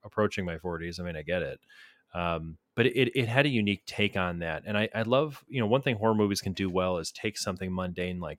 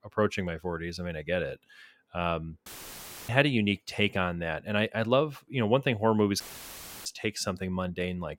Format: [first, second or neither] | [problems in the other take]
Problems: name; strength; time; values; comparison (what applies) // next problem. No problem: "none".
first | audio cutting out; filled with static; at 2.5 s for 0.5 s and at 6.5 s for 0.5 s